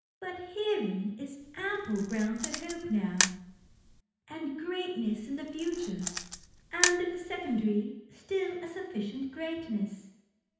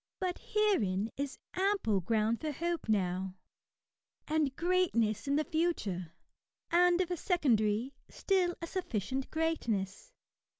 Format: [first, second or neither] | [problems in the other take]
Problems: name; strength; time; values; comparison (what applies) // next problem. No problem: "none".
second | background sound (Camera); 2 dB below the speech // room echo; dies away in 0.9 s